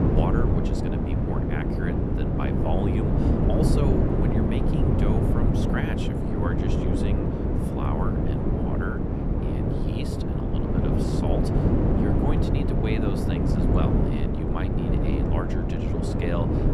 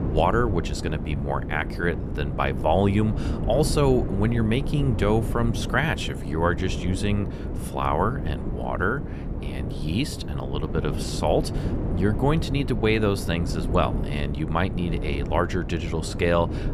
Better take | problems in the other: second | wind noise on the microphone; heavy; 5 dB above the speech; occasional gusts in the second

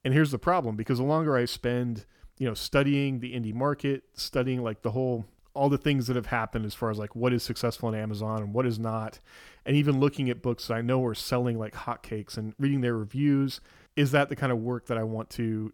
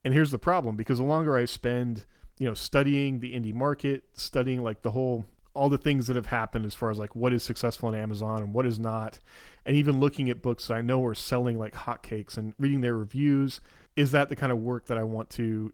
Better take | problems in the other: first | garbled, watery; slightly; nothing above 18.5 kHz

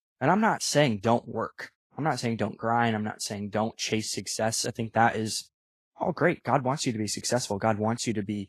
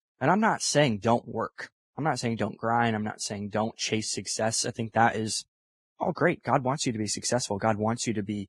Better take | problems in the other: first | garbled, watery; badly; nothing above 10.5 kHz; slightly in the first

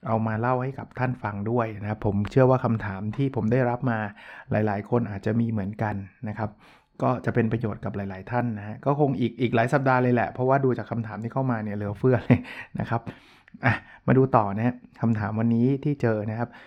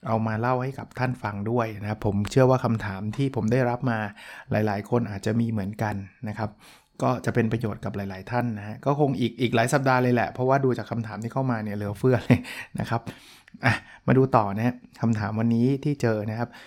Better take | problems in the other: second | muffled; slightly; fading above 4 kHz

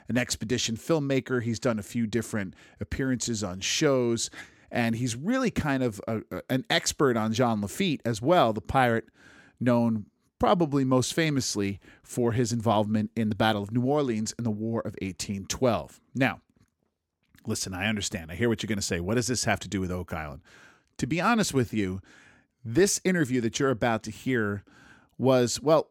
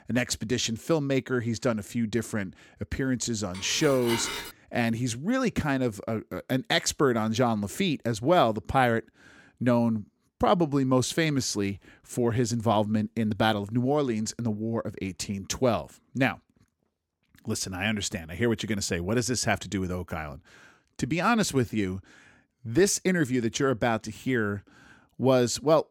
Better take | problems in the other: first | clattering dishes; noticeable; at 3.5 s; peak 4 dB below the speech

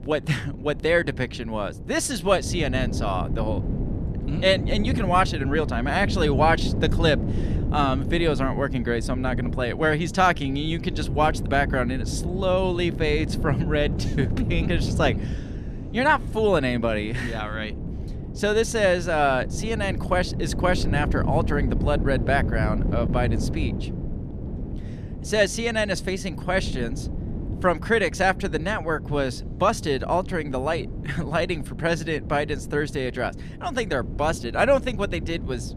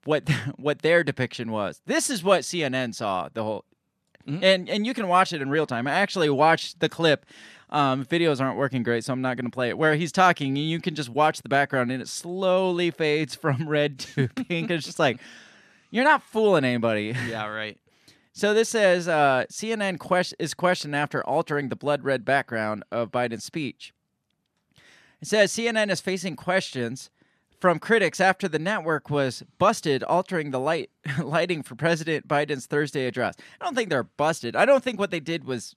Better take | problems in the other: second | wind noise on the microphone; occasional gusts; 15 dB below the speech

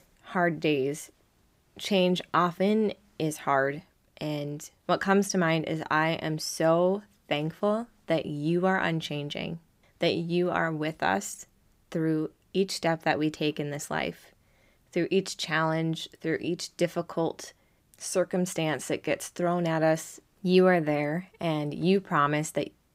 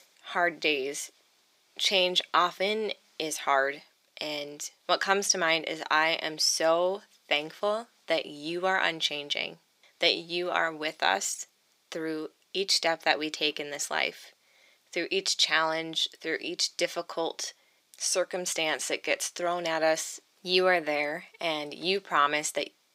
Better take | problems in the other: first | thin; somewhat; fading below 450 Hz

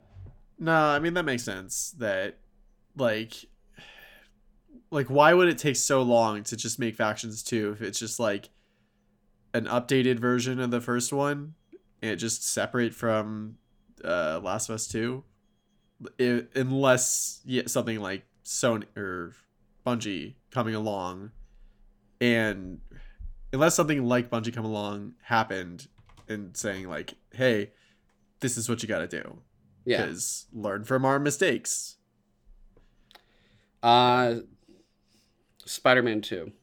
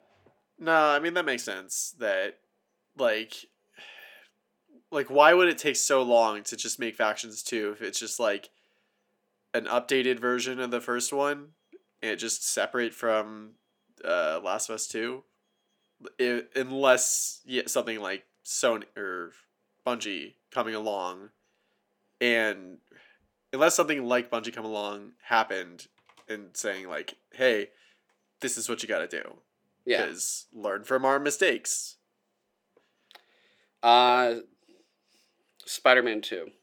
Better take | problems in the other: first | thin; somewhat; fading below 400 Hz

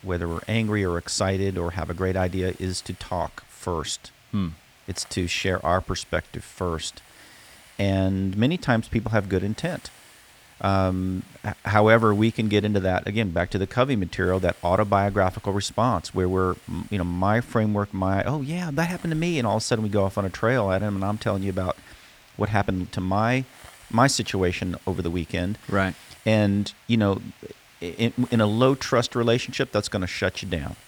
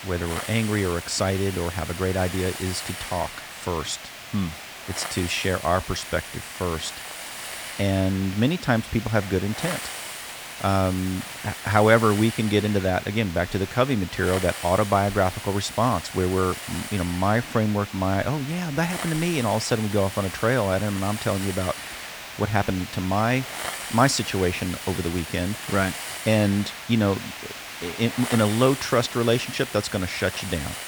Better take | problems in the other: first | hiss; loud; throughout; 9 dB below the speech; faint in the first

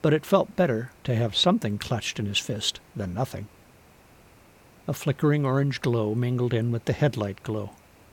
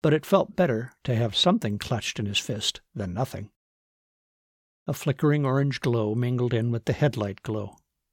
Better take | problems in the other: second | hiss; faint; throughout; 30 dB below the speech

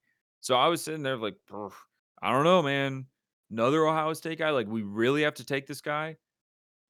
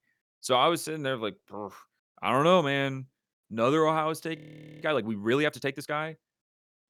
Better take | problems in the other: first | audio freezing; at 4.5 s

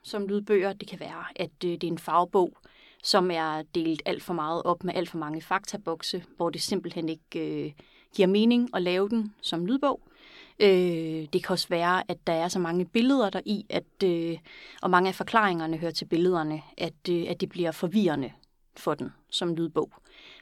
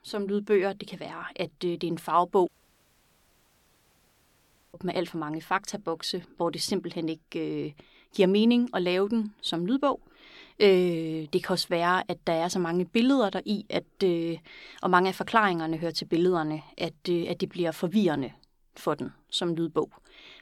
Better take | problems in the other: first | audio cutting out; at 2.5 s for 2.5 s

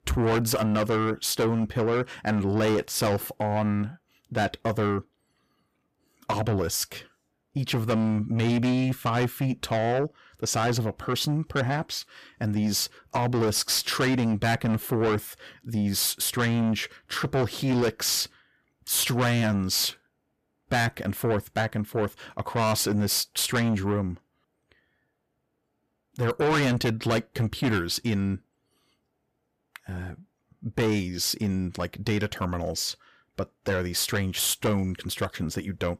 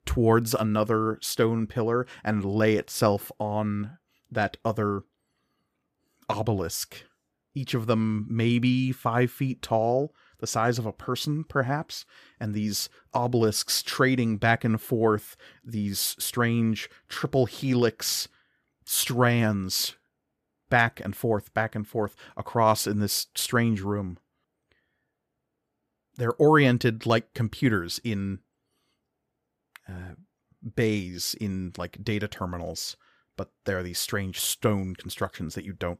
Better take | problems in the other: second | distortion; heavy; 7 dB below the speech

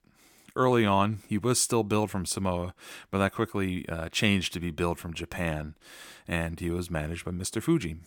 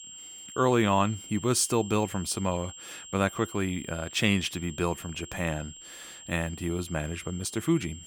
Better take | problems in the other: first | high-pitched whine; noticeable; throughout; 7.5 kHz, 15 dB below the speech

